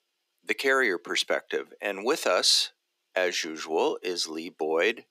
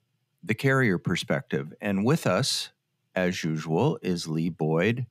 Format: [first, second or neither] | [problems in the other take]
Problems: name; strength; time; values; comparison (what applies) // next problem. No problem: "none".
second | thin; very; fading below 350 Hz